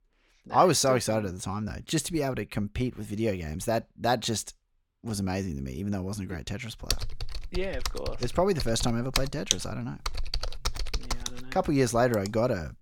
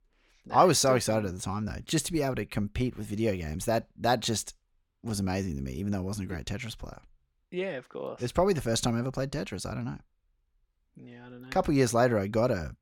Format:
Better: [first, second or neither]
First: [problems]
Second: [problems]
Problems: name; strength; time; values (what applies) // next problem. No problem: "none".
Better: second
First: keyboard typing; loud; from 7 to 12 s; peak level with the speech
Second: none